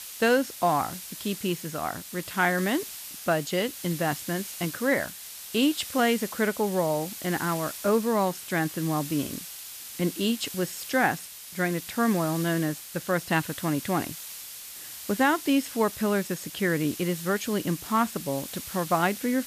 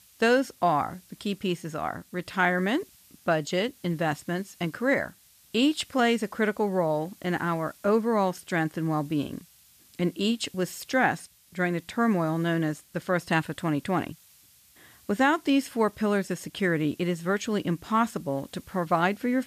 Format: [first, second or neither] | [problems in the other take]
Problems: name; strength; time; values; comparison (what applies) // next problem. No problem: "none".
second | hiss; loud; throughout; 10 dB below the speech; faint in the second